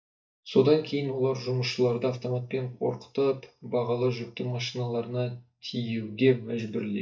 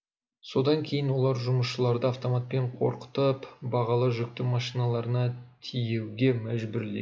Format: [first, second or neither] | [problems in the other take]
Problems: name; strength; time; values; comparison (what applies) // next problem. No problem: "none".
second | noise reduction (neural mask model DeepFilterNet 3)